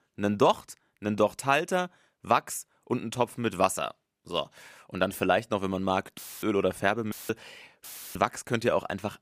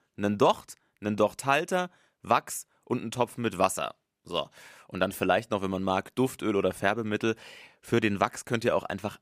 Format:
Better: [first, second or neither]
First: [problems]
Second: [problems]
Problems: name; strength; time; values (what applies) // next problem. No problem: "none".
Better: second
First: audio cutting out; filled with static; at 6 s, at 7 s and at 8 s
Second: none